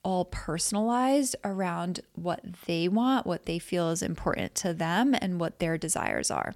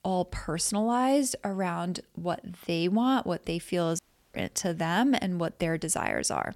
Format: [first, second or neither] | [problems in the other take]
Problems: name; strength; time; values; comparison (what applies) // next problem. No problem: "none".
first | audio cutting out; at 4 s